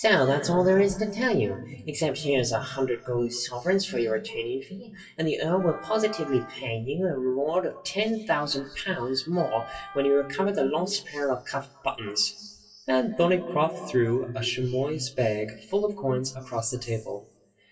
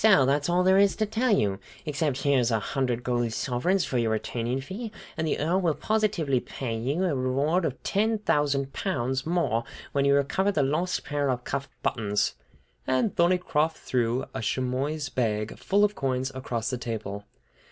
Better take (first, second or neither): second